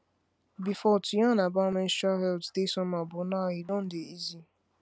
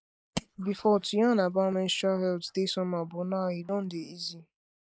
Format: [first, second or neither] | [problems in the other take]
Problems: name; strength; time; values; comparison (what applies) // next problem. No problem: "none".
first | noise reduction (neural mask model Resemble Enhance denoiser)